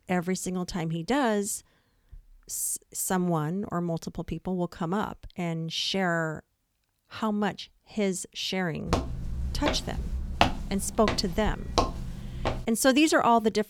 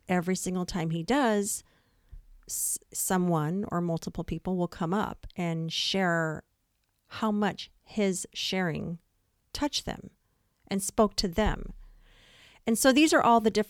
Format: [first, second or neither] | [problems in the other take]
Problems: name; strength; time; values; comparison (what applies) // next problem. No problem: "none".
second | footsteps; loud; from 9 to 13 s; peak 2 dB above the speech